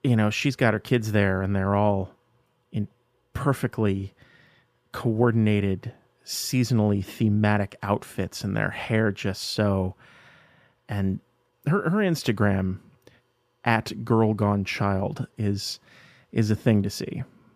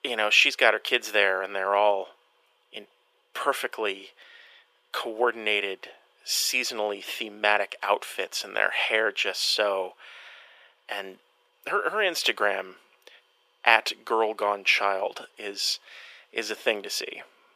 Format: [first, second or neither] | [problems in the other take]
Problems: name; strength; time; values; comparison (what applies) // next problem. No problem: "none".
first | thin; very; fading below 450 Hz